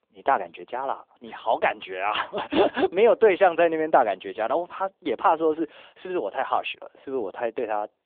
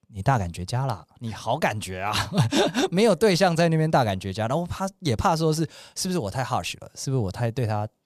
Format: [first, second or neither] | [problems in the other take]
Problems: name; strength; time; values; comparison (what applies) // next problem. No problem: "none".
second | phone-call audio